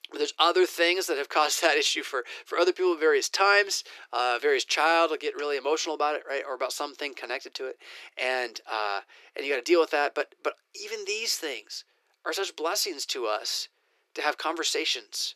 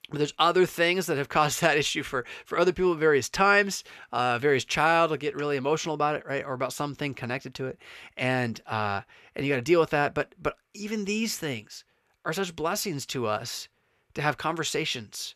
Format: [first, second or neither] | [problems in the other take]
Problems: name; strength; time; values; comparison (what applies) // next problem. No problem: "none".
second | thin; very; fading below 350 Hz